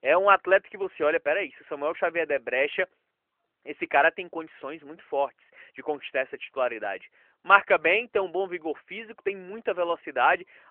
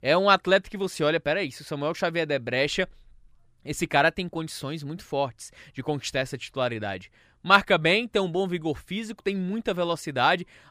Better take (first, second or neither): second